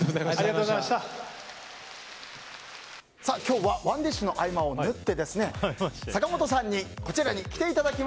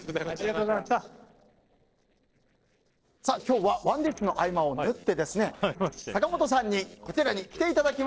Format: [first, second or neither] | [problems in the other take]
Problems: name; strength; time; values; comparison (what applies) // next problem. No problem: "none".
first | noise reduction (neural separator model SepFormer DNS4)